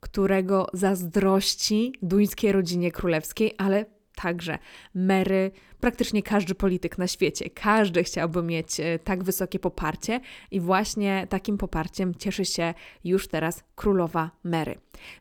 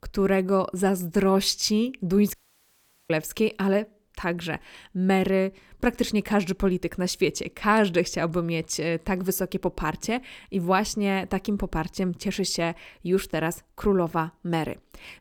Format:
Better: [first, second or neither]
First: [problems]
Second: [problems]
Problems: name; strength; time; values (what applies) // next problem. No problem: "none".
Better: first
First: none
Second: audio cutting out; at 2.5 s for 1 s